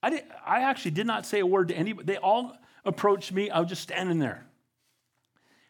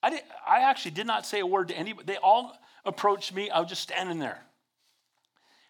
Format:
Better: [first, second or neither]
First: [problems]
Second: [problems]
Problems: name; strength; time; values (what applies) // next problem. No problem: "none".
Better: first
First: none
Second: thin; somewhat; fading below 800 Hz